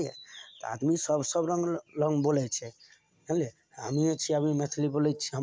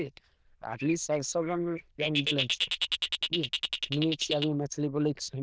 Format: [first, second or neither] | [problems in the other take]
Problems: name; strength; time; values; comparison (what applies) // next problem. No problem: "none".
first | noise reduction (neural diffusion model UNIVERSE++)